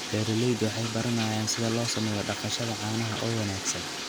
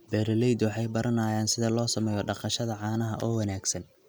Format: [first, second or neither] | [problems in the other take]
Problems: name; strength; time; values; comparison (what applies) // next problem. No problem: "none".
second | background sound (Bathtub (filling or washing)); 5 dB below the speech